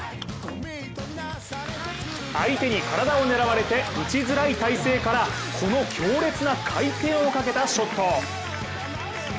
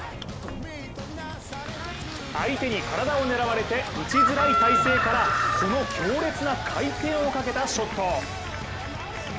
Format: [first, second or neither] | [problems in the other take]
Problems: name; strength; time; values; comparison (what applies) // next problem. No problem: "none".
first | background sound (Chicken, rooster); 2 dB below the speech